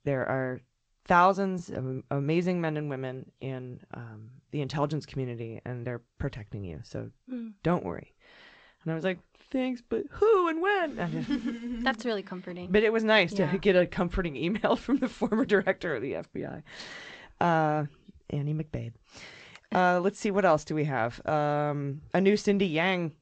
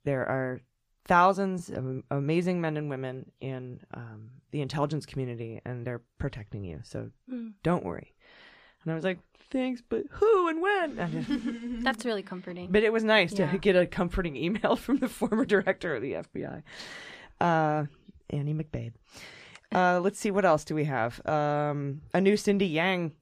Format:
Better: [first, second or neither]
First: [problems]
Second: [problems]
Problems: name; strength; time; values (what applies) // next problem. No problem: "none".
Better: second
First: garbled, watery; slightly; nothing above 8 kHz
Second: none